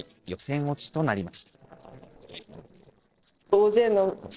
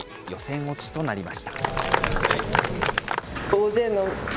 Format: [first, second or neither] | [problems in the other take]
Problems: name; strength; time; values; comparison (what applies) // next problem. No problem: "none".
second | noise reduction (neural separator model SepFormer DNS4)